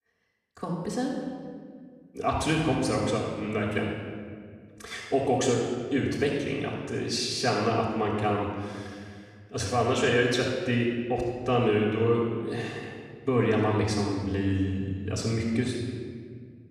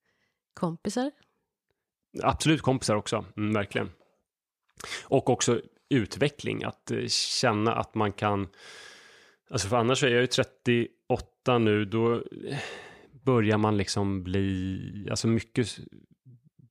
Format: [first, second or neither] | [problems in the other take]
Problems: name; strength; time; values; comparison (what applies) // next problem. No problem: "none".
second | off-mic speech; far // room echo; noticeable; dies away in 1.6 s